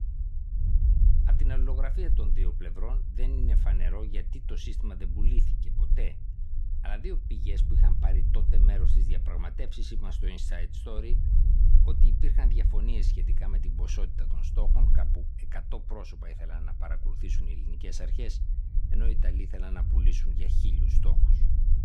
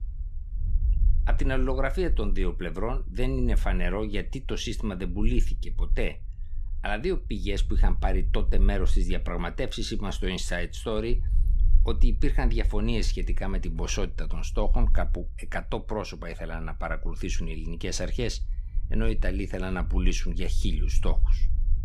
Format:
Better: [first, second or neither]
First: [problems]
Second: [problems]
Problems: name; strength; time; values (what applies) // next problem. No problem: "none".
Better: second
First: low rumble; loud; throughout; 4 dB below the speech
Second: low rumble; faint; throughout; 20 dB below the speech